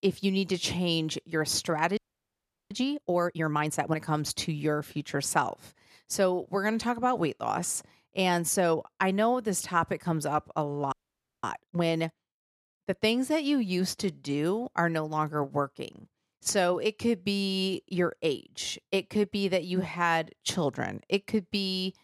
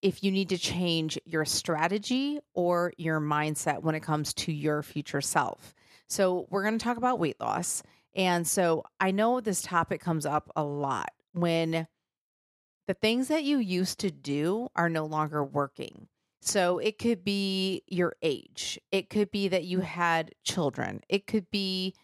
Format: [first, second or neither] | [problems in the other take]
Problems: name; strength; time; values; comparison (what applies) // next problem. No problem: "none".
second | audio freezing; at 2 s for 0.5 s and at 11 s for 0.5 s